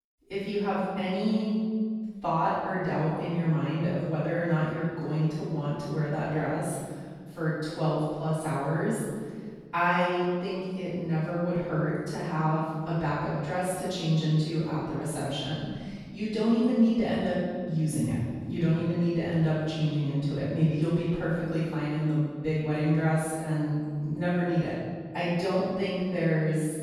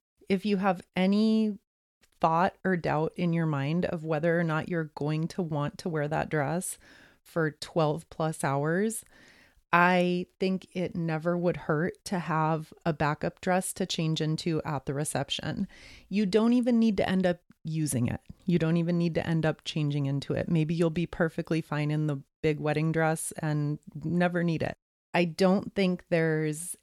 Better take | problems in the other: second | off-mic speech; far // room echo; strong; dies away in 1.8 s

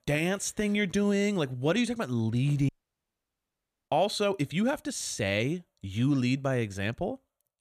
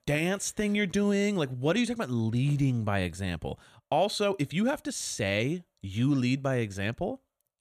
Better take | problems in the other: second | audio cutting out; at 2.5 s for 1 s

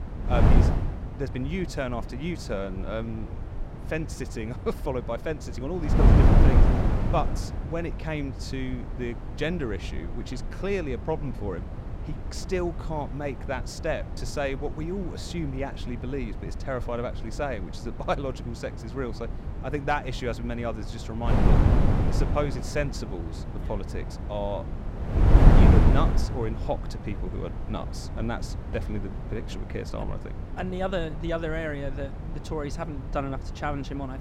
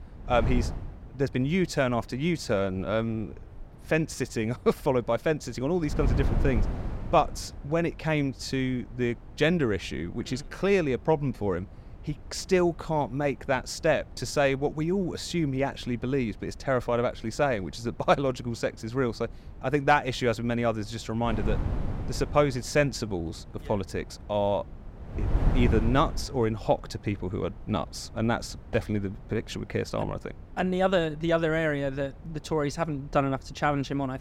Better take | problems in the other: second | wind noise on the microphone; heavy; 4 dB below the speech; occasional gusts in the second

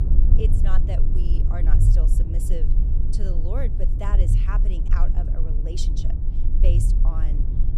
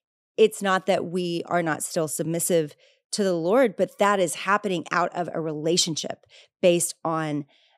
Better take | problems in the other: second | low rumble; loud; throughout; 3 dB below the speech

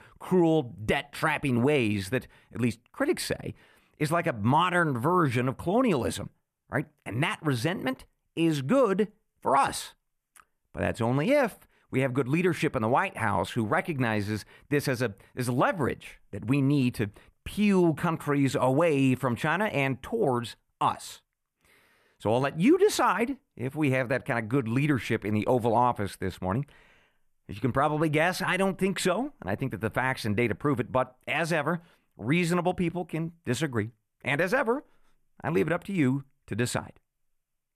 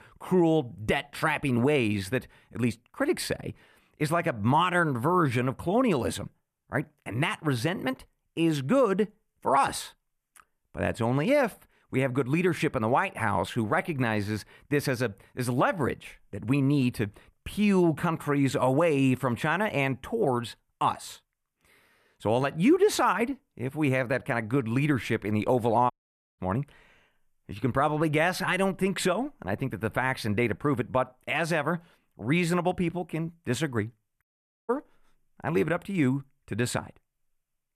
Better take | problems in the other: first | audio cutting out; at 26 s and at 34 s

